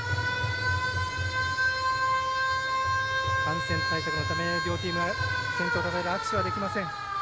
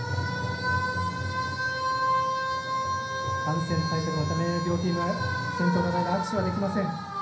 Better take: first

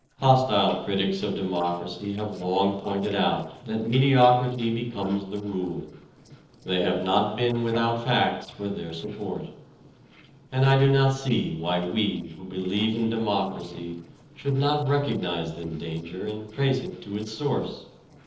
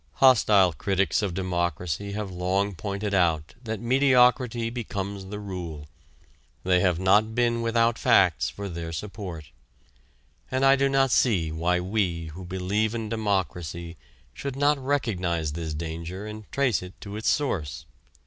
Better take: second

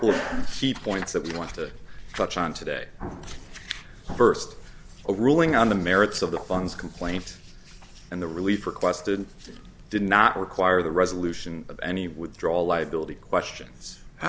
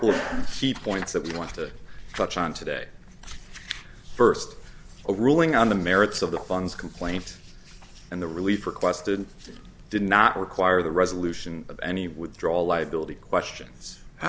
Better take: second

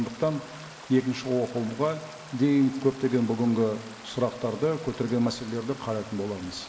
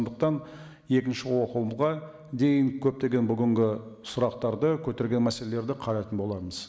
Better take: second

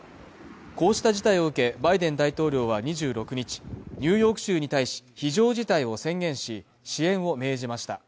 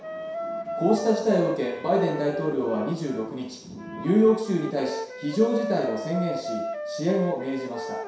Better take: first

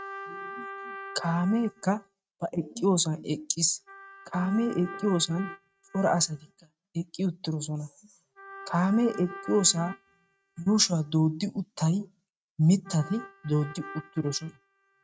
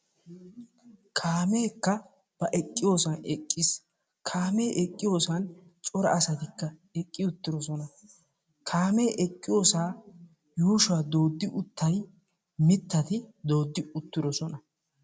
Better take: second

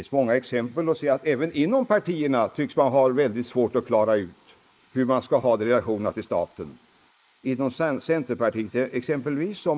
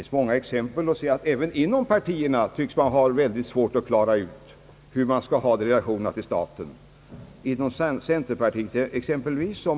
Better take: second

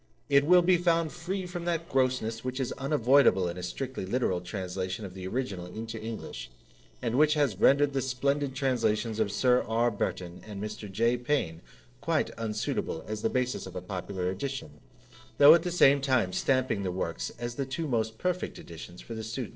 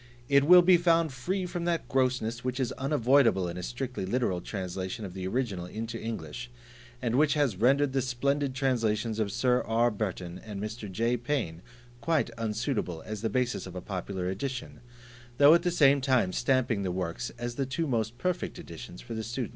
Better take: second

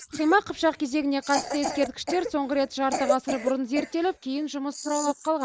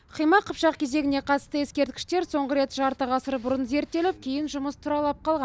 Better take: second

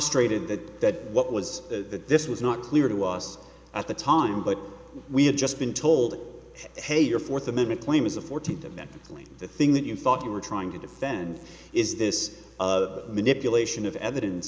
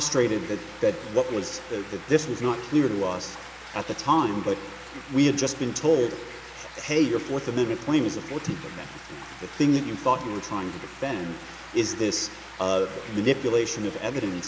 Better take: first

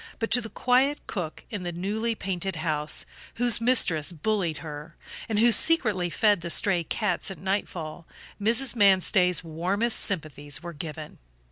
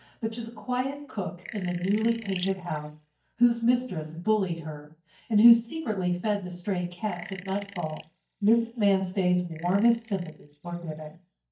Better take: first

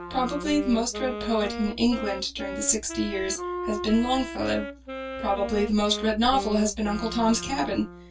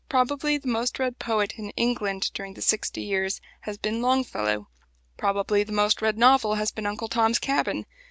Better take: second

